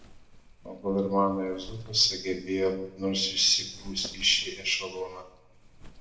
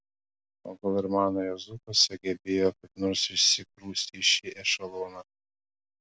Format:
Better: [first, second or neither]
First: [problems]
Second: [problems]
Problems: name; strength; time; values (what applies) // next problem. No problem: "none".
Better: second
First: background sound (Wind); 19 dB below the speech // room echo; dies away in 0.7 s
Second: none